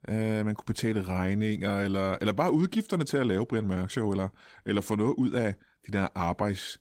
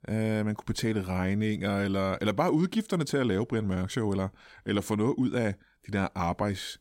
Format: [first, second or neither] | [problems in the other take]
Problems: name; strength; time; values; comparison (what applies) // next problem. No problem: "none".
second | garbled, watery; slightly; nothing above 16 kHz